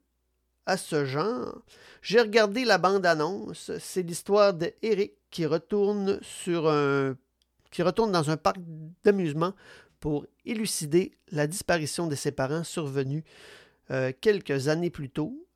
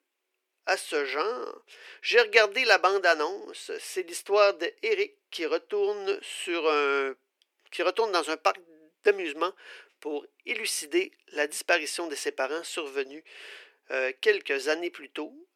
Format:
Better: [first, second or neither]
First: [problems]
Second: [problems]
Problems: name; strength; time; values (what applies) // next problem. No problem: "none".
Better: first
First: none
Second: thin; very; fading below 350 Hz